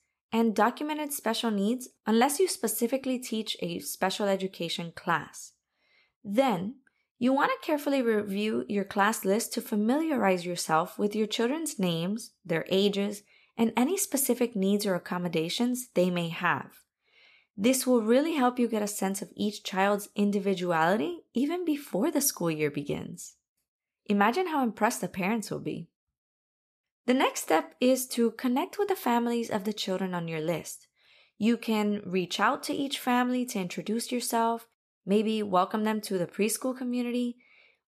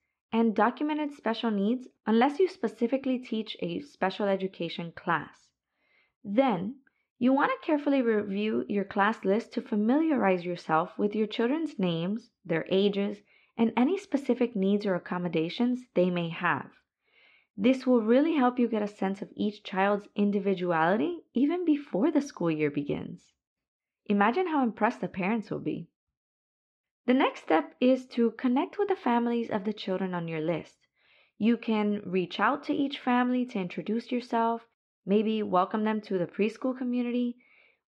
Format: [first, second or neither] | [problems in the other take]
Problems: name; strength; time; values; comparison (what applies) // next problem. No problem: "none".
first | muffled; slightly; fading above 3 kHz